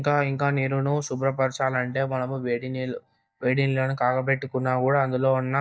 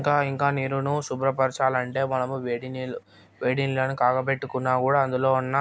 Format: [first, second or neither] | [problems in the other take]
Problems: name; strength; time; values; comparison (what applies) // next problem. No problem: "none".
second | noise reduction (neural mask model DeepFilterNet 3)